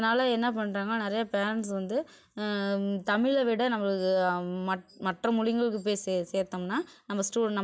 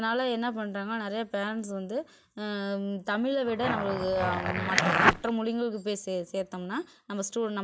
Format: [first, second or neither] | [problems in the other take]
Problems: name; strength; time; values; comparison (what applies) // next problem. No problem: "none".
first | background sound (Zipper (clothing)); 4 dB above the speech